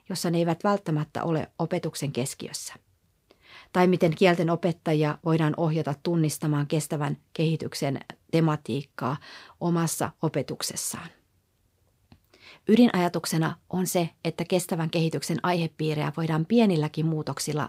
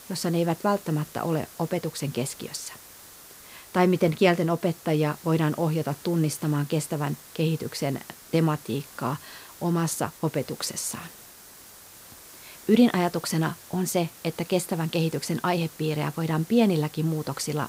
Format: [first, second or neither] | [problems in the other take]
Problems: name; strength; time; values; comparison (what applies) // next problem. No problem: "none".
first | hiss; noticeable; throughout; 20 dB below the speech